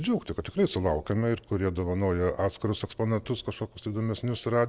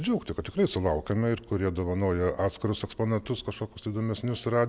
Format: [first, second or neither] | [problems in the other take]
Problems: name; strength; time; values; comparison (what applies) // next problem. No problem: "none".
second | noise reduction (neural separator model SepFormer DNS4)